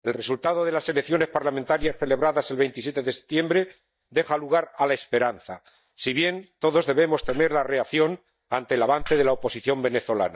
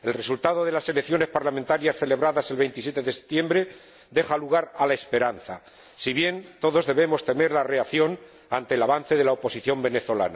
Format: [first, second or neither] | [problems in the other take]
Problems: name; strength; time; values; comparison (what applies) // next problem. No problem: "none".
second | noise reduction (neural mask model DeepFilterNet 3)